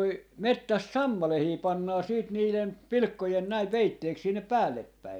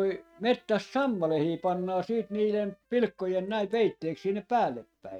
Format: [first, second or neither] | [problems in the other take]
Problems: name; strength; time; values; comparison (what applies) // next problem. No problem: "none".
first | noise reduction (neural mask model RNNoise)